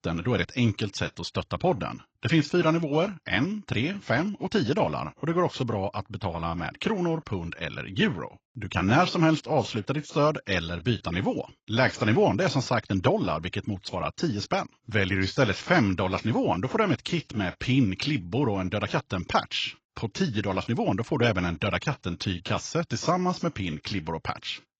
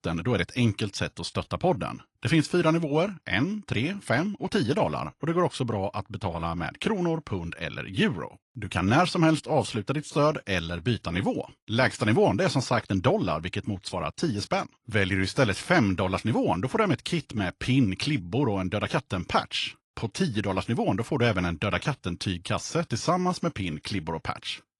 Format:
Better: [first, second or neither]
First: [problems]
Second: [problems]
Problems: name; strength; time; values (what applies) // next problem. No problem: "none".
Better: second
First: garbled, watery; badly; nothing above 7.5 kHz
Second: garbled, watery; slightly